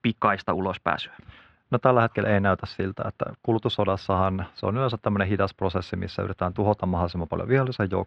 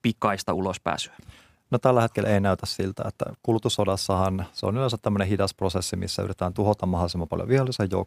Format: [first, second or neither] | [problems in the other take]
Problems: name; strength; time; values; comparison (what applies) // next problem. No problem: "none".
second | muffled; slightly; fading above 3.5 kHz